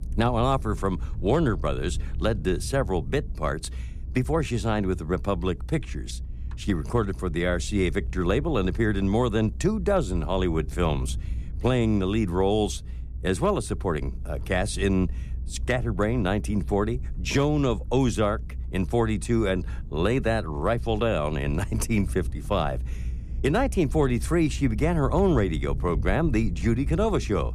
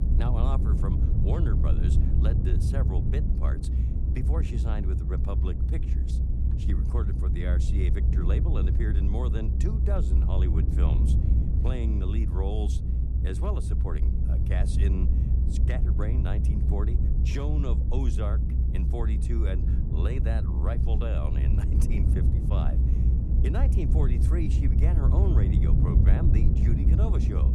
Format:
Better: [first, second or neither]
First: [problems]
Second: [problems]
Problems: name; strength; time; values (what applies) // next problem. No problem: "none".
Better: first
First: low rumble; faint; throughout; 25 dB below the speech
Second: low rumble; loud; throughout; 1 dB below the speech